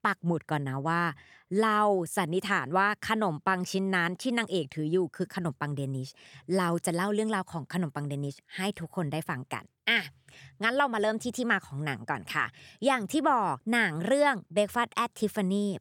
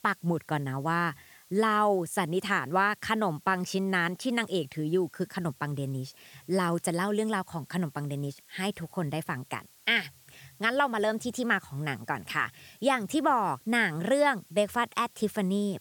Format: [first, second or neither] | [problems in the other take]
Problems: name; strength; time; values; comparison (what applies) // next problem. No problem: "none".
first | hiss; faint; throughout; 25 dB below the speech